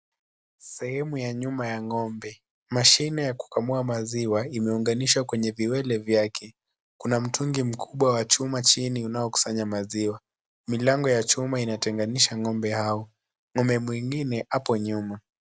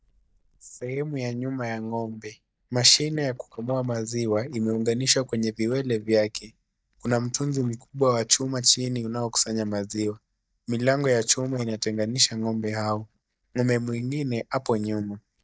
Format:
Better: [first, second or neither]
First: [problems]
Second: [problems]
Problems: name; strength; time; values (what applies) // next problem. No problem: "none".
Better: first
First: none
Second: noise reduction (neural mask model DeepFilterNet 3)